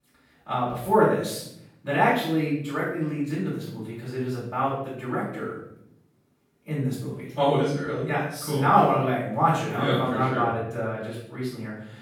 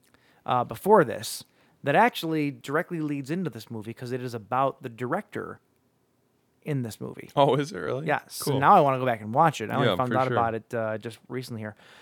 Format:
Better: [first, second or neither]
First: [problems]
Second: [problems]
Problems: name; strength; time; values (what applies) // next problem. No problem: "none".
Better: second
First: off-mic speech; far // room echo; noticeable; dies away in 0.7 s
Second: none